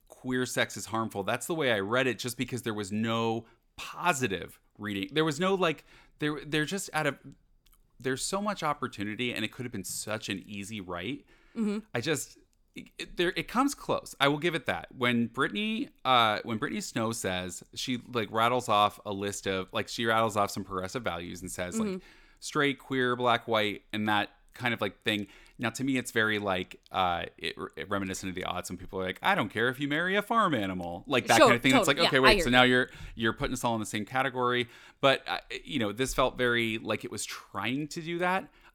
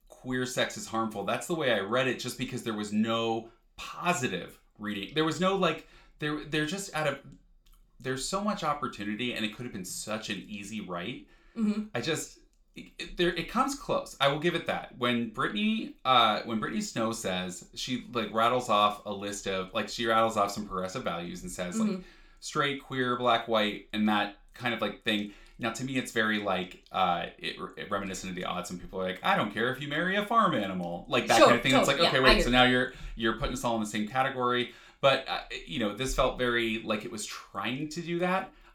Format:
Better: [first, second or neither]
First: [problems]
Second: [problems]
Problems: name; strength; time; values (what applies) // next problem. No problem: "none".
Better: first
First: none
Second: room echo; very slight; dies away in 0.3 s